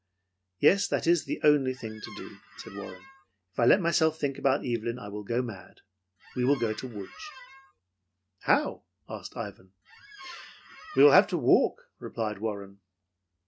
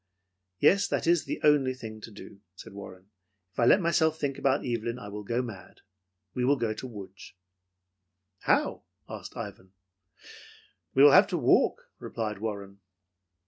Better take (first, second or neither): second